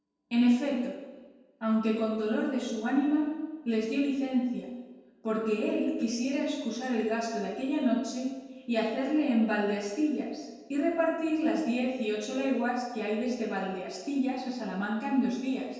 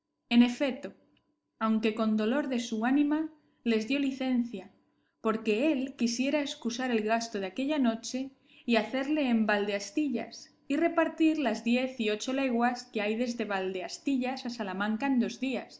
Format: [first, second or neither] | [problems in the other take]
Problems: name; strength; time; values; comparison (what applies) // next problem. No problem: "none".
second | room echo; dies away in 1.2 s